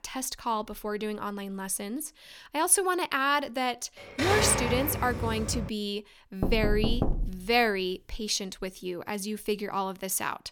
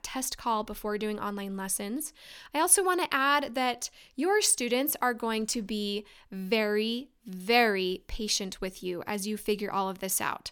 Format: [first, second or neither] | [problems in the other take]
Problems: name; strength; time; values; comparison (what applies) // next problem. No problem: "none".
second | keyboard typing; loud; from 4 to 5.5 s; peak 3 dB above the speech // door banging; noticeable; at 6.5 s; peak 1 dB below the speech